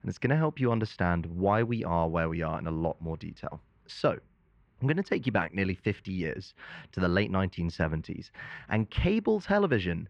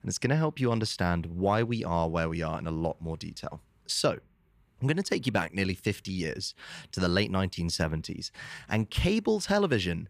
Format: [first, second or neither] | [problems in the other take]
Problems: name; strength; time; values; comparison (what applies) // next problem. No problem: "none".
second | muffled; slightly; fading above 2 kHz